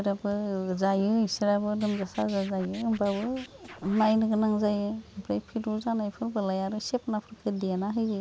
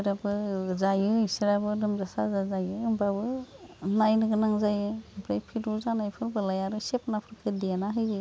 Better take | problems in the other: second | background sound (Scratching (performance technique)); 19 dB below the speech

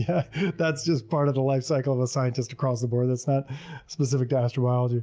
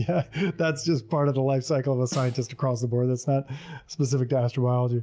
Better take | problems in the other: first | background sound (Snare drum); 20 dB below the speech

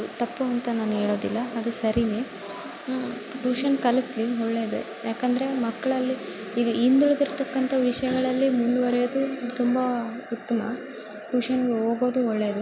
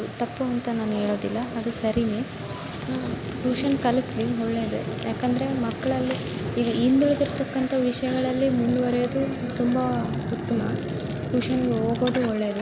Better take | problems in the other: first | background sound (Fire); 7 dB below the speech

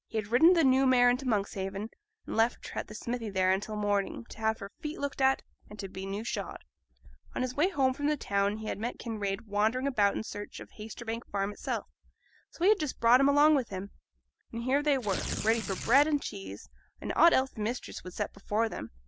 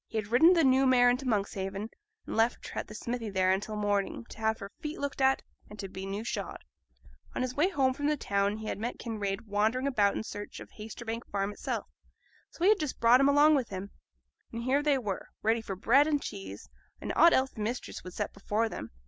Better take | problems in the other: second | background sound (Tearing); 7 dB below the speech

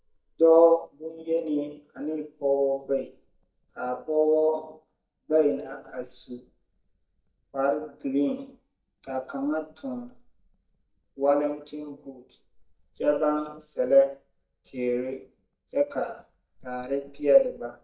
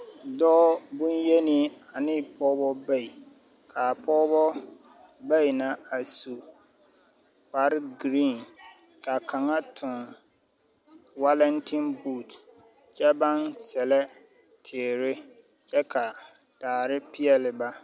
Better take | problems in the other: second | noise reduction (neural mask model DeepFilterNet 3)

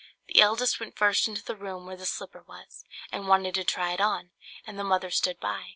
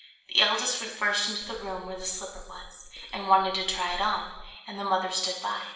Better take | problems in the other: first | background sound (Hammer); 18 dB below the speech // room echo; dies away in 1 s

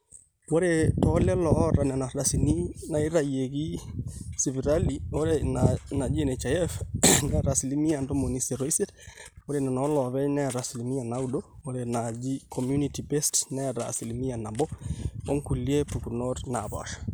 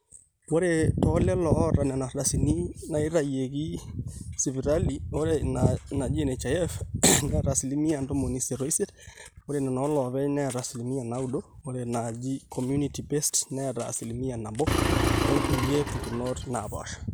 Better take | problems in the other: first | background sound (Engine); as loud as the speech

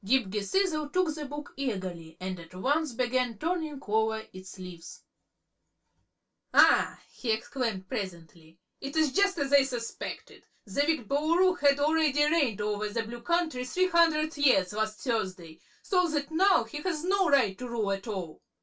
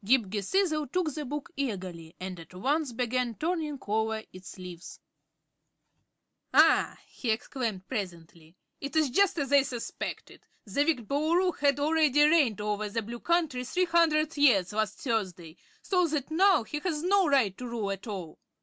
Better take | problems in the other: second | room echo; dies away in 0.2 s

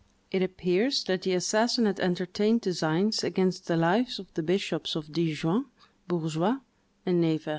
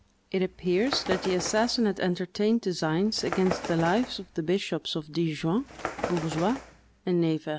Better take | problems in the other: first | background sound (Bird); 11 dB below the speech

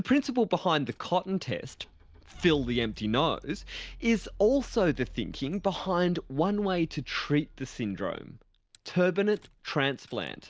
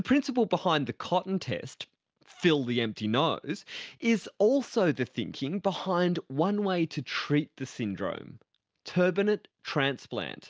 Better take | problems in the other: second | background sound (Rattle / Engine starting / Car); 19 dB below the speech

